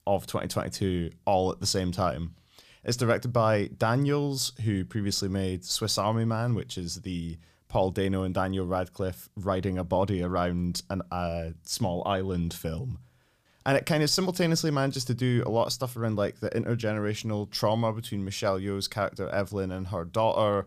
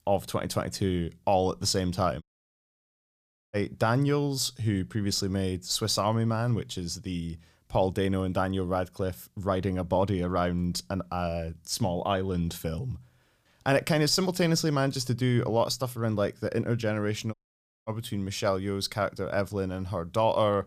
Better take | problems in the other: first | audio cutting out; at 2 s for 1.5 s and at 17 s for 0.5 s

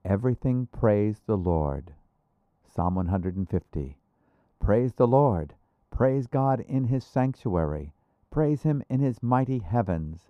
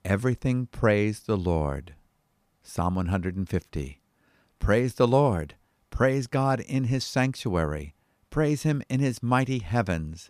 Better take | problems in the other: second | muffled; very; fading above 1.5 kHz

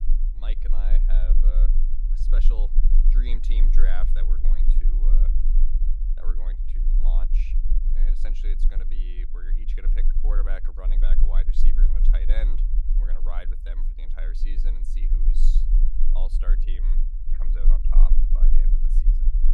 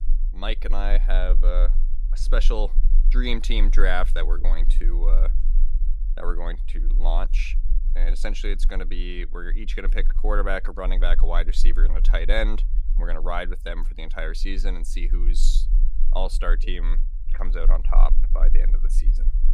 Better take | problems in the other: second | low rumble; loud; throughout; 7 dB below the speech; faint in the second

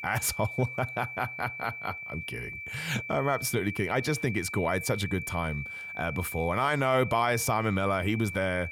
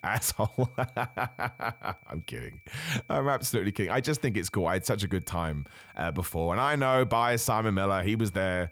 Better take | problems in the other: second | high-pitched whine; loud; throughout; 2.5 kHz, 7 dB below the speech; faint in the second

